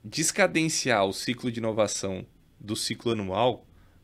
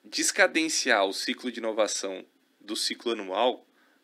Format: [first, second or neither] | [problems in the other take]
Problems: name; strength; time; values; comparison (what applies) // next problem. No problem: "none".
first | thin; very slightly; fading below 250 Hz